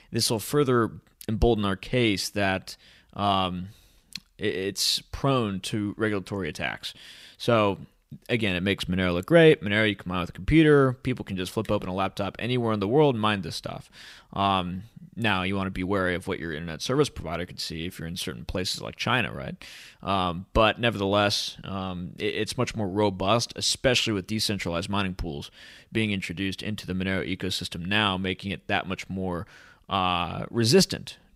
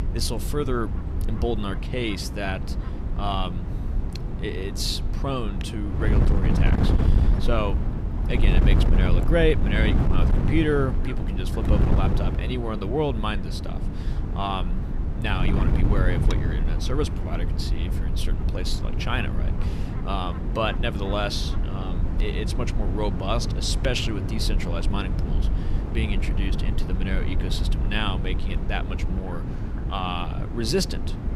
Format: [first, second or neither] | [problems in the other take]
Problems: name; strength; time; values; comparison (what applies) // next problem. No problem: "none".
first | wind noise on the microphone; heavy; 7 dB below the speech